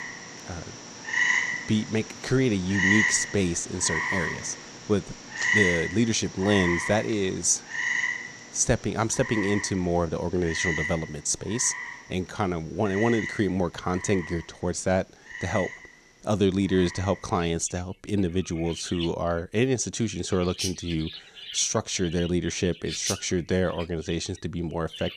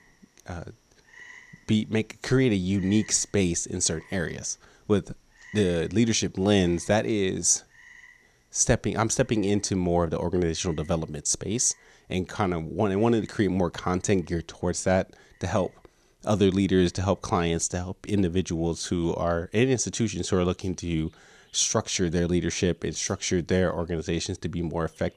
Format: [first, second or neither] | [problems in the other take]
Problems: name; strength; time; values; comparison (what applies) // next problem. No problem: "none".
second | animal sounds; loud; throughout; 3 dB below the speech; faint in the second